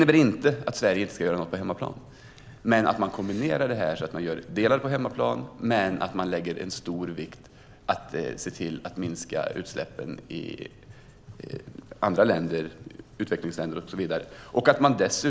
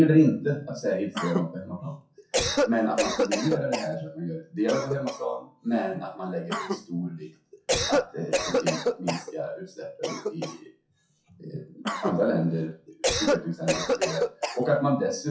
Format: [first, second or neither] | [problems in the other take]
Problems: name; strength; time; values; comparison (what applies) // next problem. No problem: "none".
first | noise reduction (classical method WPE with log-MMSE)